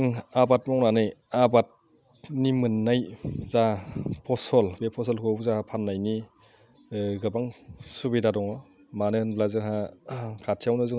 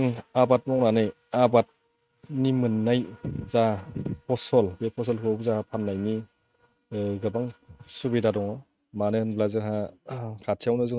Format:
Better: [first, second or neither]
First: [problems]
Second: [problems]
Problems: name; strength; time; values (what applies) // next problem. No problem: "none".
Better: first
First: none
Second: noise reduction (neural mask model RNNoise)